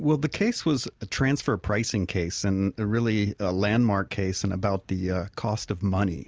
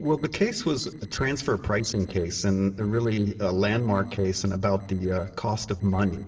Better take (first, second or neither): first